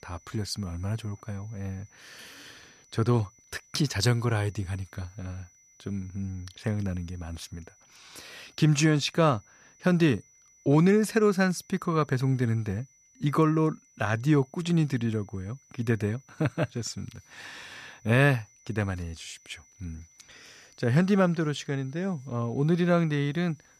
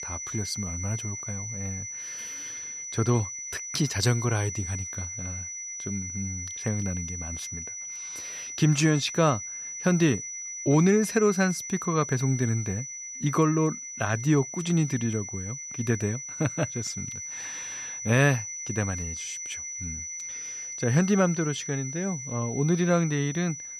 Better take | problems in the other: first | high-pitched whine; loud; throughout; 6 kHz, 7 dB below the speech; faint in the first

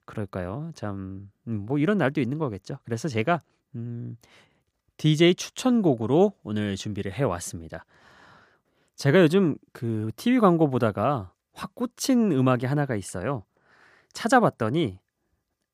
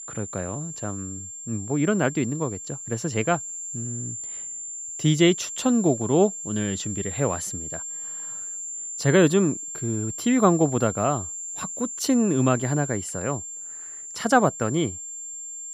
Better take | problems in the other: first | high-pitched whine; loud; throughout; 7.5 kHz, 8 dB below the speech

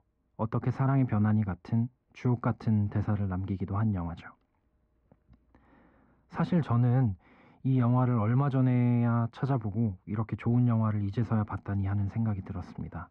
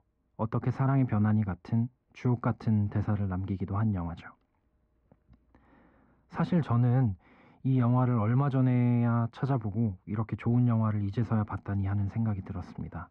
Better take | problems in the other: neither | muffled; very; fading above 1.5 kHz; the same in both

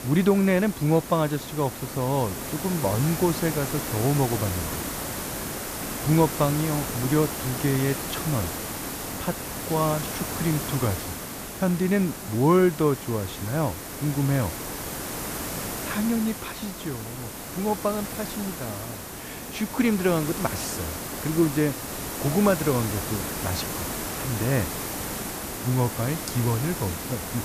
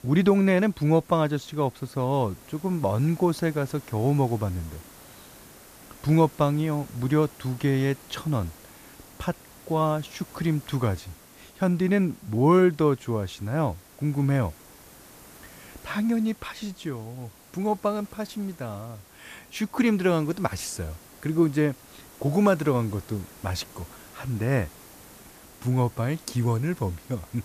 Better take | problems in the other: second | hiss; loud; throughout; 5 dB below the speech; faint in the second

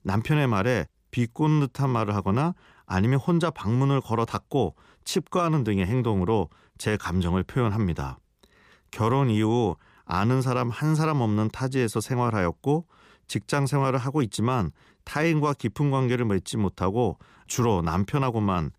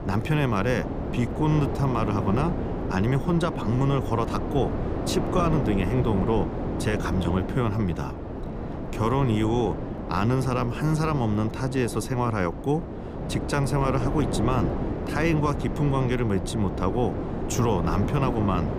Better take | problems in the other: first | wind noise on the microphone; heavy; 5 dB below the speech

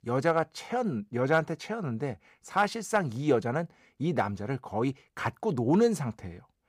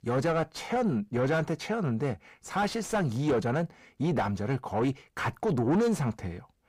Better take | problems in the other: first | distortion; heavy; 7 dB below the speech

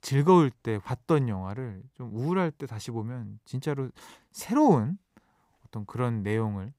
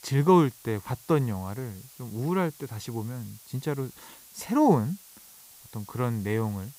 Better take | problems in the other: first | hiss; faint; throughout; 20 dB below the speech

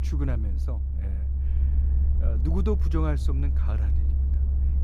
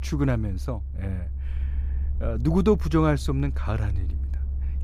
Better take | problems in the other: second | low rumble; loud; throughout; 7 dB below the speech; faint in the second

